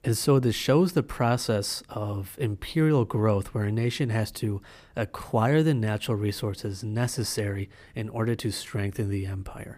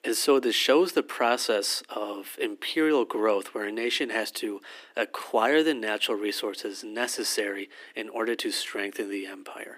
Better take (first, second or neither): first